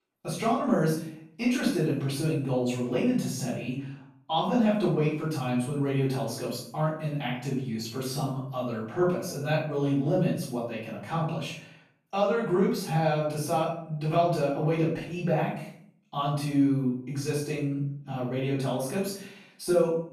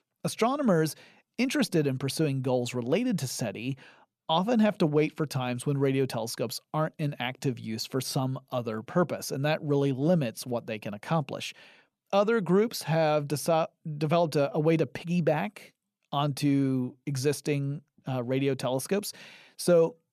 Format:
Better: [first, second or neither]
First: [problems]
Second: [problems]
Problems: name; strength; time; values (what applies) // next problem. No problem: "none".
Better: second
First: room echo; noticeable; dies away in 0.6 s // off-mic speech; far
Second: none